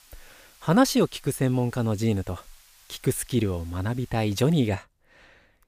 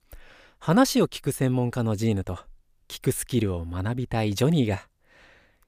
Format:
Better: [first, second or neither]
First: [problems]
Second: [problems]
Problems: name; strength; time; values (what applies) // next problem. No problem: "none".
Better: second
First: hiss; faint; until 4.5 s; 30 dB below the speech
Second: none